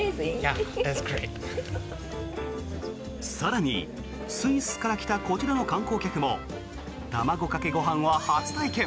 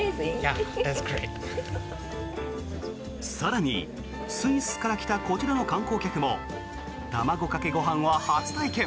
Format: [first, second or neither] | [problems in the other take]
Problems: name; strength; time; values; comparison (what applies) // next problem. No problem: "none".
first | background sound (Wind instrument, woodwind instrument); 16 dB below the speech